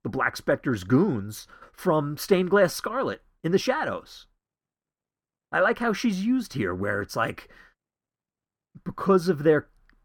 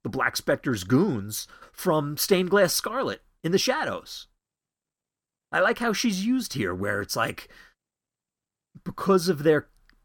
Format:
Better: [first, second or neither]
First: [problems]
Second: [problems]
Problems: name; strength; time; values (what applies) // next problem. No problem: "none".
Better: second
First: muffled; slightly; fading above 3 kHz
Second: none